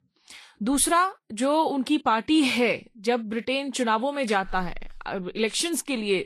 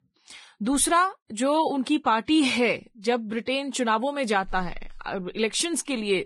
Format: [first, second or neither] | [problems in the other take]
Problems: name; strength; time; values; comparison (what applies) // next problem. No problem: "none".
first | garbled, watery; badly; nothing above 10.5 kHz; slightly in the first